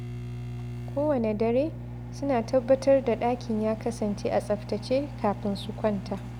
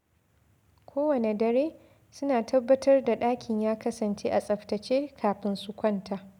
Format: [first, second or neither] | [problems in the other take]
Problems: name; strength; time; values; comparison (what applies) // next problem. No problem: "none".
second | background sound (Microwave oven); 9 dB below the speech